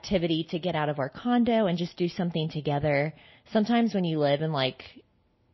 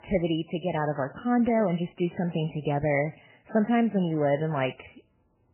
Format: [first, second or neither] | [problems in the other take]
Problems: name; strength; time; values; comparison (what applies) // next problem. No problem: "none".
first | garbled, watery; badly; nothing above 3 kHz; slightly in the first